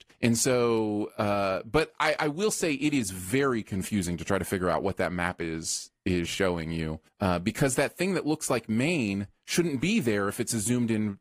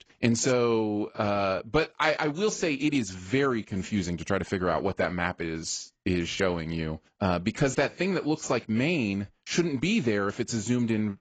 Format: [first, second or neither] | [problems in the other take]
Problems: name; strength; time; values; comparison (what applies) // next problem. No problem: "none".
first | garbled, watery; badly; nothing above 7.5 kHz; slightly in the first